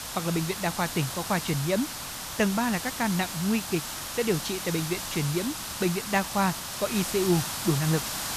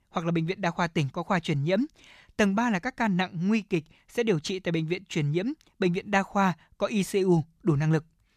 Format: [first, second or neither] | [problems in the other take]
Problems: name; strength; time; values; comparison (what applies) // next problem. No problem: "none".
second | hiss; loud; throughout; 4 dB below the speech